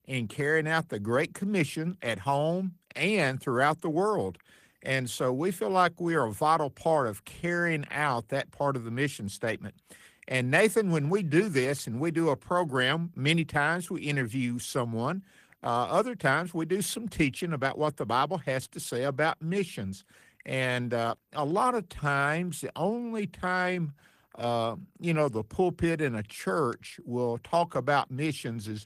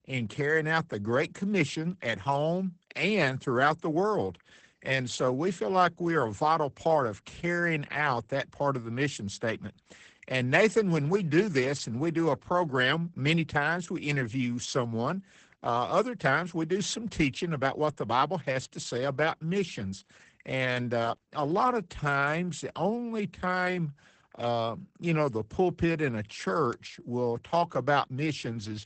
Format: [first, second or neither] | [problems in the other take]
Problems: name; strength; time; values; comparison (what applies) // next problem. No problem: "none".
first | garbled, watery; badly; nothing above 8 kHz; slightly in the first